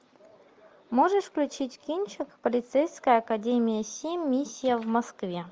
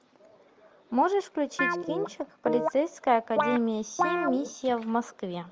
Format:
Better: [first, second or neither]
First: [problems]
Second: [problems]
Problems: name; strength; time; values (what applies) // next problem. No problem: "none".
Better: first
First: none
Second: background sound (Guitar); 2 dB below the speech